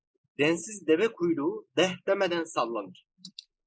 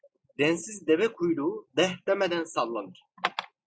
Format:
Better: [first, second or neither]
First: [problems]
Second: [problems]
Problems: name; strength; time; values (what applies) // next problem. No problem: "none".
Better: second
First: noise reduction (neural mask model Resemble Enhance denoiser)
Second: none